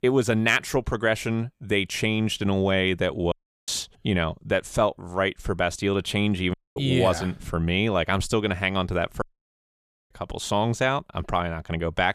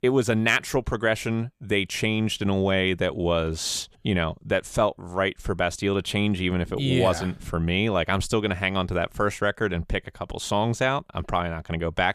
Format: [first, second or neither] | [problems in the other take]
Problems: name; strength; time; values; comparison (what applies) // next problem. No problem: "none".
second | audio cutting out; at 3.5 s, at 6.5 s and at 9 s for 1 s